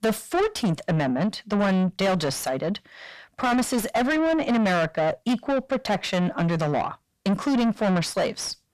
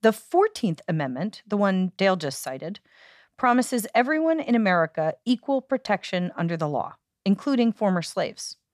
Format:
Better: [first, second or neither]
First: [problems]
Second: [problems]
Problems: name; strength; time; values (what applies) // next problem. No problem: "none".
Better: second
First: distortion; heavy; 6 dB below the speech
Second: none